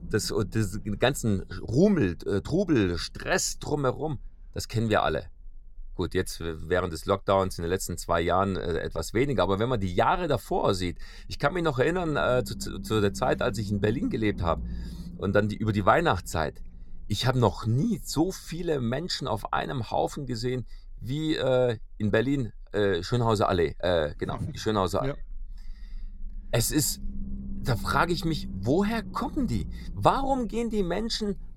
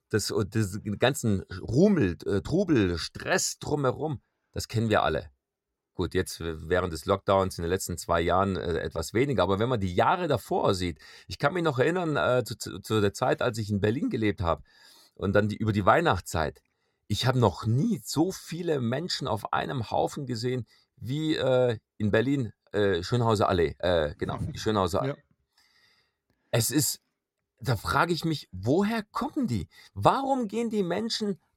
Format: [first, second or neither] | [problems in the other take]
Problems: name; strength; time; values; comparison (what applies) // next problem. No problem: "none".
second | low rumble; faint; throughout; 20 dB below the speech